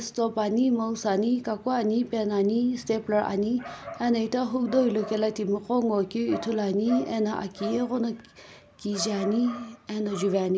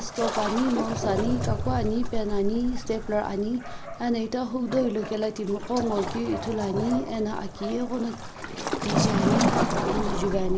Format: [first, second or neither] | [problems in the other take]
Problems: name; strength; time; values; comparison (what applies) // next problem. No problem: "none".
first | background sound (Waves, surf); 1 dB below the speech